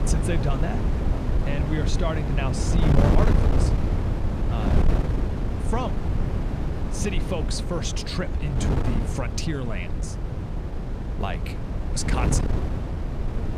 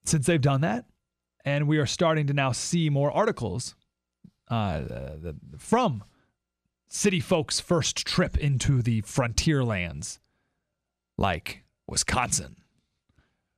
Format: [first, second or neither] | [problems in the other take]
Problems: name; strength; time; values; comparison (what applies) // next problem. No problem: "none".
second | wind noise on the microphone; heavy; 1 dB below the speech